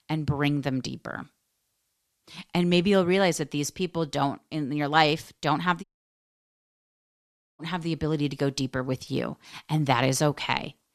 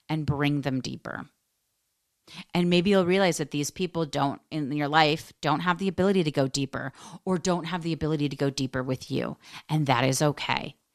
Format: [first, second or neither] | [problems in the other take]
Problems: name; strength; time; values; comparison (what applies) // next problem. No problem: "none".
second | audio cutting out; at 6 s for 2 s